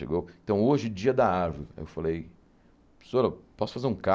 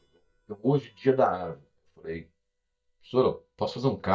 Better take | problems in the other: first | noise reduction (neural mask model DeepFilterNet 3)

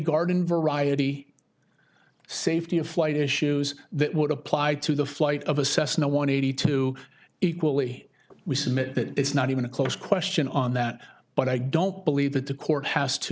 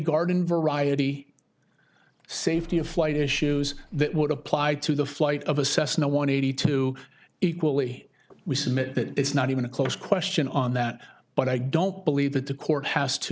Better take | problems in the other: first | background sound (Bus / Engine); 16 dB below the speech

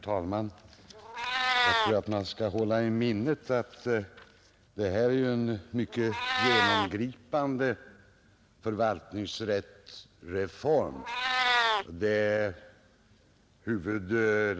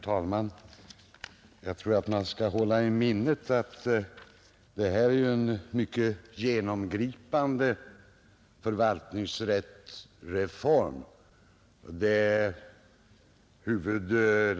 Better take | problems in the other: second | background sound (Meow); 4 dB below the speech

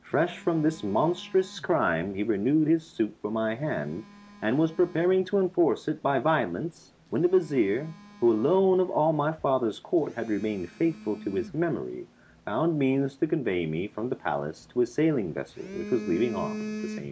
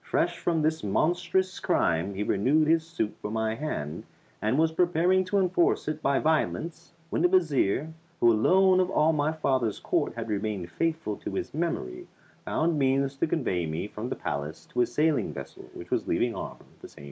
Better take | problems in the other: second | background sound (Telephone); 17 dB below the speech

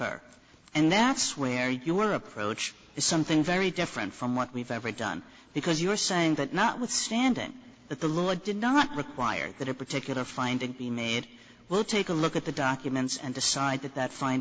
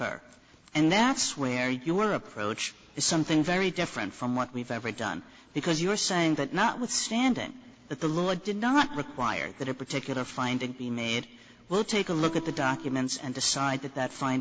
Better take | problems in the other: first | background sound (Guitar); 11 dB below the speech

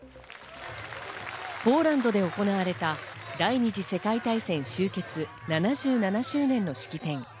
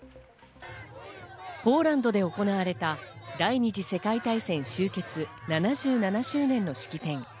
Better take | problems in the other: second | background sound (Applause); 17 dB below the speech

